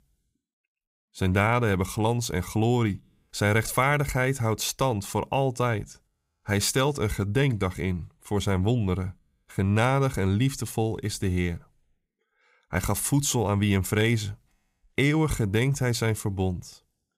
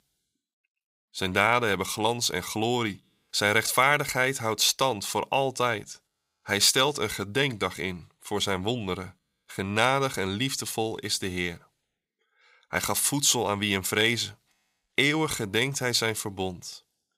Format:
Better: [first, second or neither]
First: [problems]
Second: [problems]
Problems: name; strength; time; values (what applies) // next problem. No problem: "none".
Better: first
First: none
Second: thin; somewhat; fading below 1 kHz